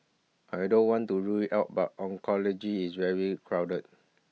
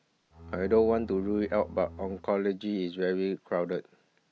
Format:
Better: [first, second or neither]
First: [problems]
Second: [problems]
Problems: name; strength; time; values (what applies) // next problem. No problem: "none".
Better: first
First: none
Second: background sound (Bowed string instrument); 16 dB below the speech